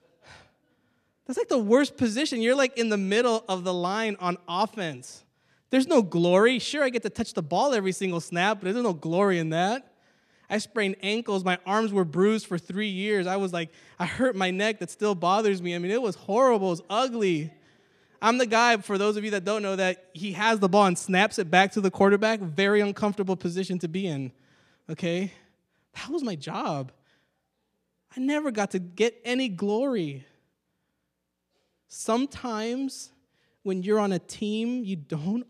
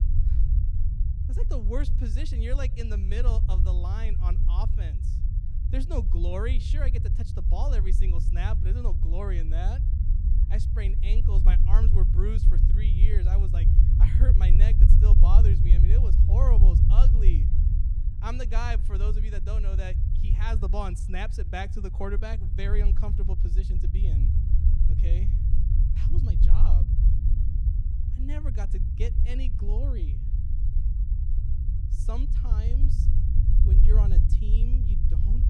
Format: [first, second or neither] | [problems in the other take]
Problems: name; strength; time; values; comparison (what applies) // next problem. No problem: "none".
first | low rumble; loud; throughout; 4 dB below the speech